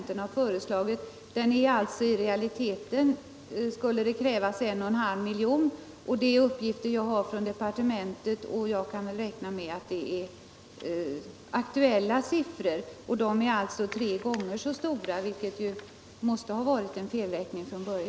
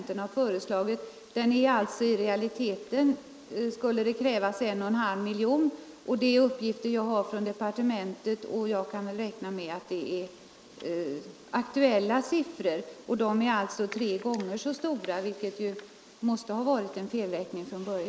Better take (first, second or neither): first